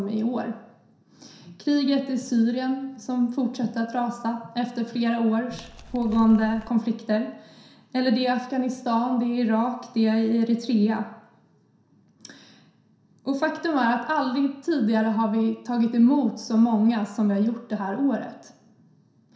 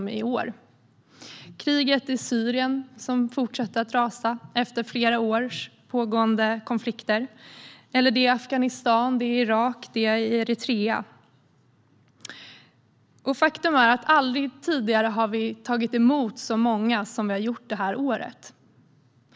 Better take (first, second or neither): second